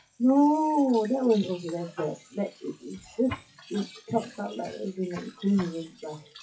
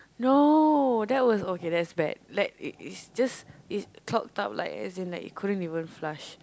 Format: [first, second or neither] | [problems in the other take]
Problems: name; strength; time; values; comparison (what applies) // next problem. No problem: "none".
second | noise reduction (classical method WPE with log-MMSE)